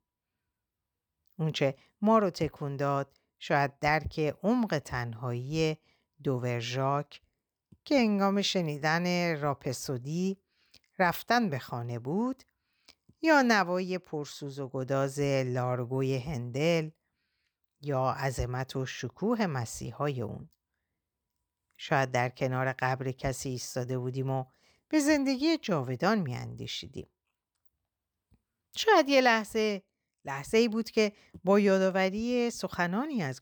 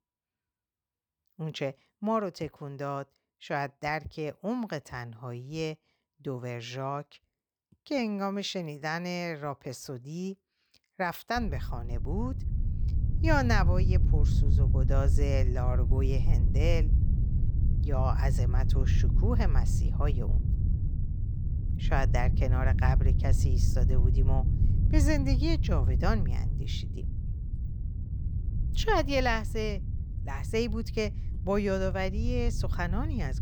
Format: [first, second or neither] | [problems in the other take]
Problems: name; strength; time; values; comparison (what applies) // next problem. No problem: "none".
first | low rumble; noticeable; from 11 s on; 10 dB below the speech